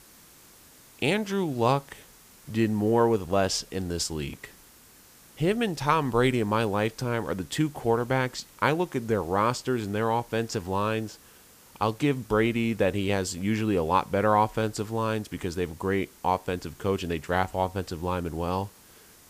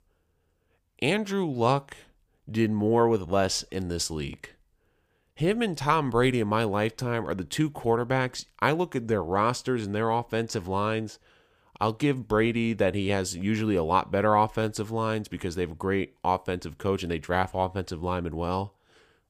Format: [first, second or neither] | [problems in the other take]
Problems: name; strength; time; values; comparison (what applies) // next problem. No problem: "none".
second | hiss; faint; throughout; 25 dB below the speech